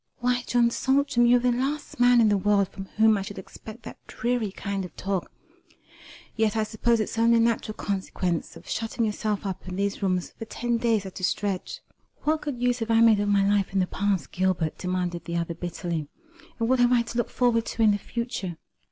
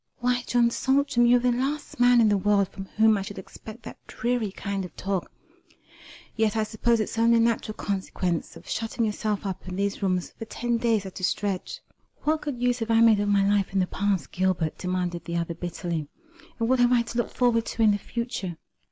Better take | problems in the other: first | noise reduction (neural mask model Resemble Enhance denoiser)

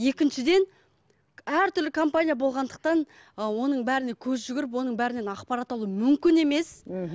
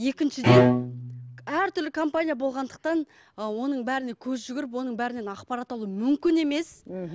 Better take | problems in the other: first | background sound (Bowed string instrument); 4 dB above the speech

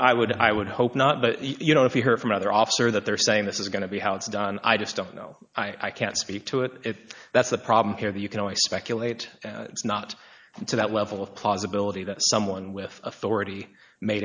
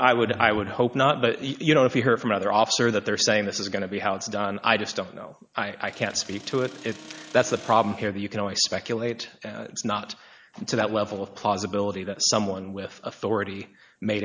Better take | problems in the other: first | background sound (Accelerating, revving, vroom); 19 dB below the speech

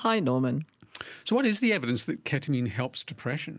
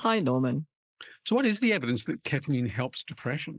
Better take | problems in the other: first | noise reduction (neural mask model Resemble Enhance denoiser)

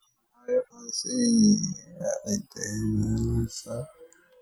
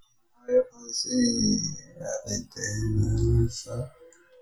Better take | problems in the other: first | room echo; dies away in 0.2 s

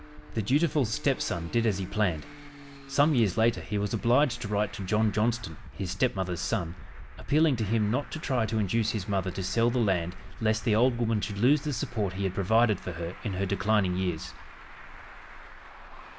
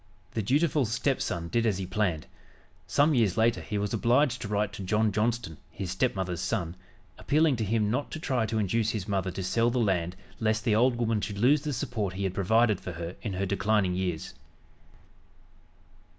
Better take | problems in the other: second | background sound (Traffic noise, roadway noise); 16 dB below the speech

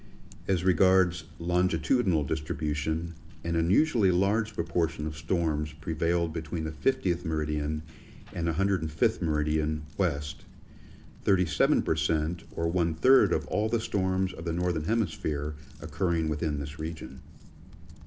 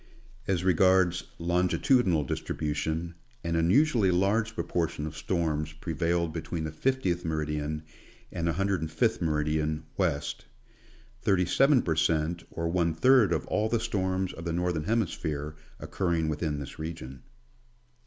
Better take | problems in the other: second | background sound (Typing); 17 dB below the speech // room echo; dies away in 0.3 s

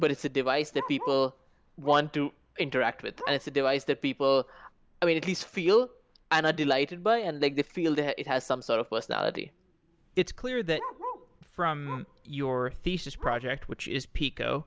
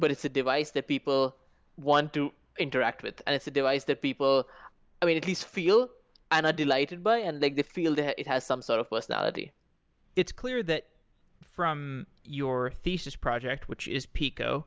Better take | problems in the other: second | background sound (Bark); 17 dB below the speech

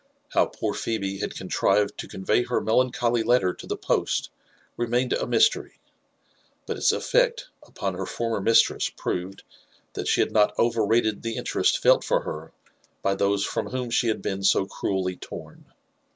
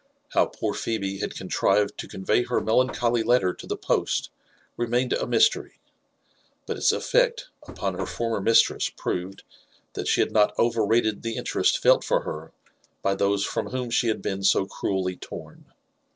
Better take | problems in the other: first | noise reduction (neural separator model SepFormer DNS4)

